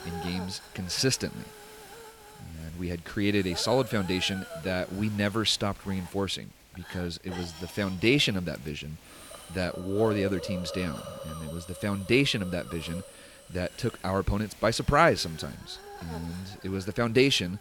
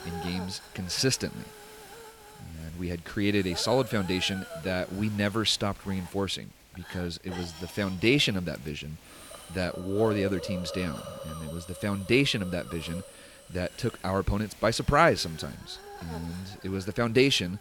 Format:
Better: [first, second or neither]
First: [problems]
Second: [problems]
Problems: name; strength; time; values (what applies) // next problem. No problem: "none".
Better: neither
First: hiss; noticeable; throughout; 15 dB below the speech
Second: hiss; noticeable; throughout; 15 dB below the speech